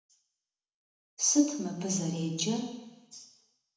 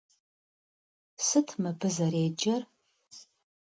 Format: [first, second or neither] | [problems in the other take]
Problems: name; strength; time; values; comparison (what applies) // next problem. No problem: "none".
second | room echo; dies away in 0.9 s